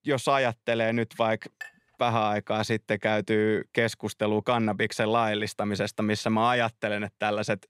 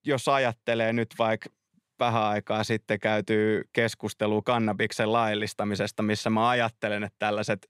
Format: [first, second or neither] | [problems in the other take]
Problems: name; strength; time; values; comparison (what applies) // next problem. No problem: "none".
second | clattering dishes; faint; at 1.5 s; peak 15 dB below the speech